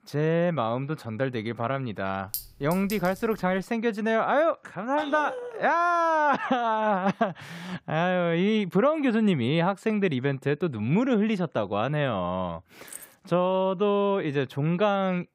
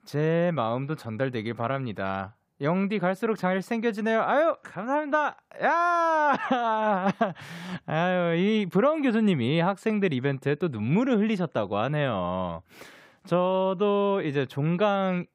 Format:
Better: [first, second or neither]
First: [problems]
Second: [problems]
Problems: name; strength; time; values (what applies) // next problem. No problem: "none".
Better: second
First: clattering dishes; noticeable; from 2.5 to 3.5 s; peak 9 dB below the speech // dog barking; noticeable; at 5 s; peak 9 dB below the speech // jangling keys; faint; at 13 s; peak 15 dB below the speech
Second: none